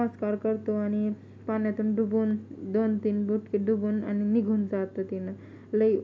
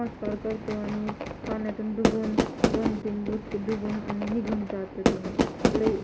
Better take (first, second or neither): first